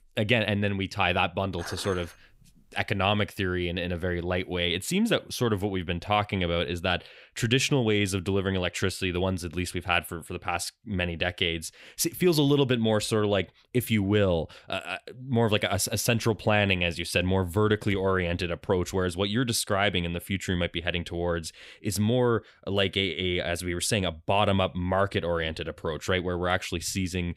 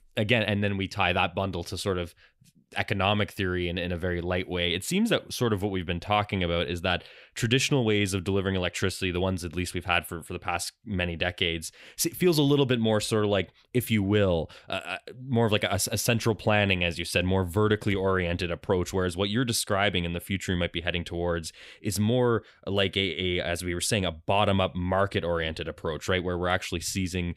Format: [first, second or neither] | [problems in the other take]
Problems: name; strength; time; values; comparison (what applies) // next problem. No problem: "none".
second | clattering dishes; faint; from 1.5 to 3 s; peak 15 dB below the speech